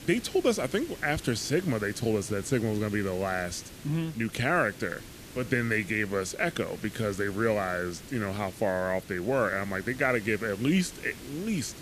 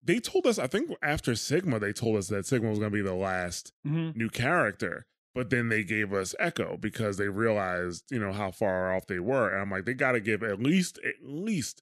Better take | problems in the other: second | hiss; noticeable; throughout; 15 dB below the speech

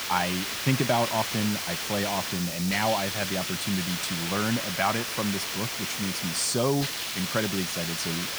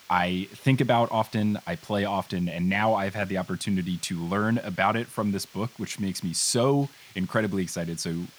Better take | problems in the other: second | hiss; loud; throughout; 1 dB below the speech; faint in the second

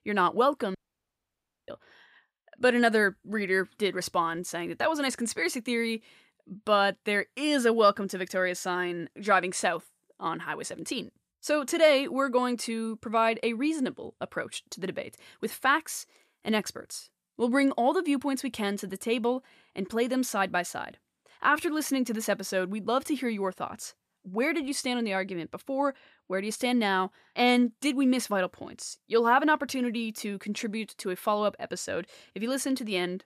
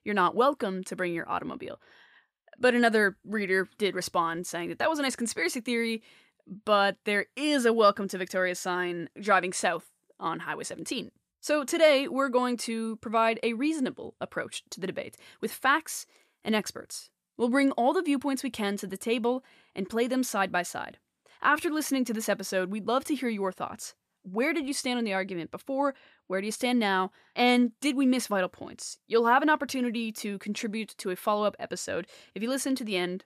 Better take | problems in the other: second | audio cutting out; at 1 s for 1 s

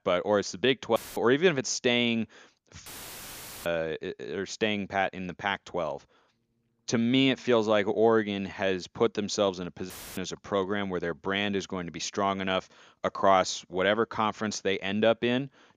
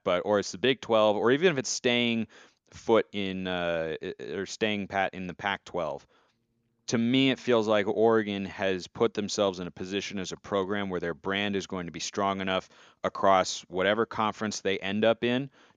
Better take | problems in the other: second | audio cutting out; filled with static; at 1 s, at 3 s for 1 s and at 10 s

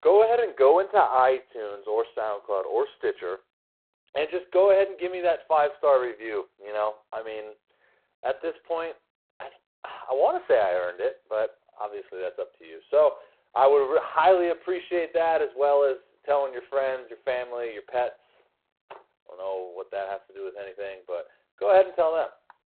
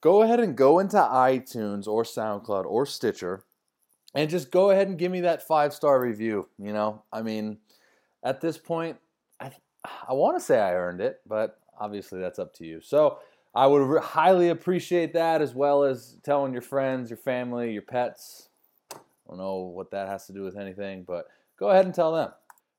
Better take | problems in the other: second | phone-call audio; poor line; nothing above 4 kHz

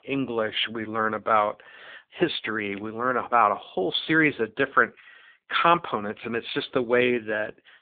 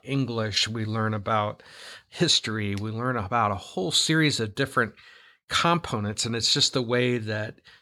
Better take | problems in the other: second | phone-call audio; poor line; nothing above 3.5 kHz

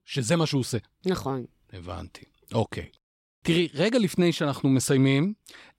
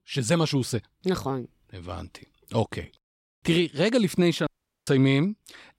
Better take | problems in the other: first | audio cutting out; at 4.5 s

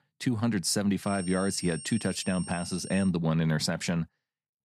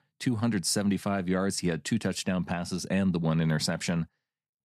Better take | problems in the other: second | high-pitched whine; noticeable; from 1 to 3 s; 8.5 kHz, 10 dB below the speech

